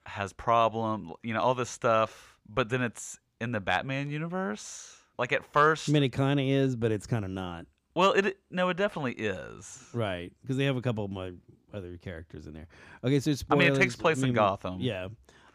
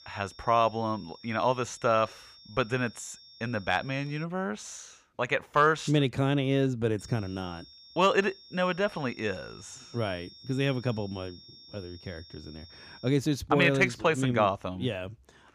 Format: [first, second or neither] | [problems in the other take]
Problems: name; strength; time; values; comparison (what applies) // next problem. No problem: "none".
first | high-pitched whine; faint; until 4 s and from 7 to 13 s; 5.5 kHz, 20 dB below the speech